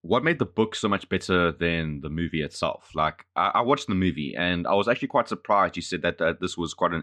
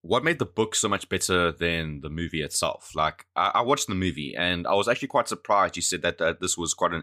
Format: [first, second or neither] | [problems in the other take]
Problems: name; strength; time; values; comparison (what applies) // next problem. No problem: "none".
second | muffled; slightly; fading above 3.5 kHz